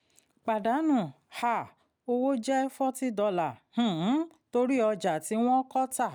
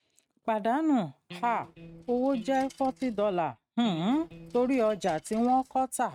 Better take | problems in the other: first | noise reduction (neural mask model RNNoise)

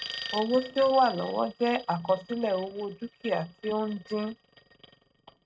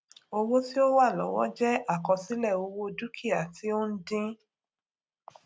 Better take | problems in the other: second | noise reduction (neural mask model RNNoise)

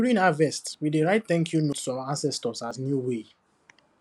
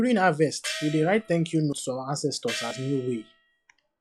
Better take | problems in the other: first | noise reduction (classical method log-MMSE)

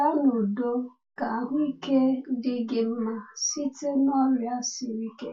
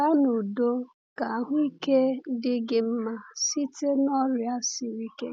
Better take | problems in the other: second | room echo; dies away in 0.2 s

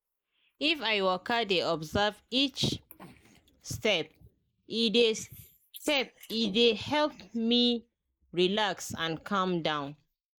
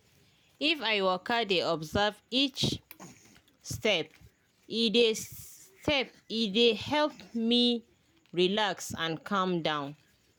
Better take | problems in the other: second | noise reduction (neural mask model Resemble Enhance denoiser)

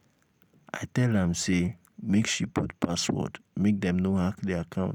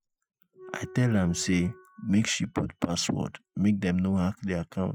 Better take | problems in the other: first | noise reduction (classical method Wiener filter)

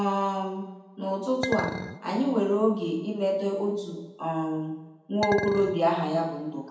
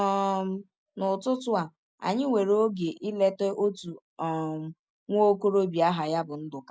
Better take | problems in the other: second | background sound (Chink, clink); 8 dB below the speech // room echo; dies away in 0.9 s

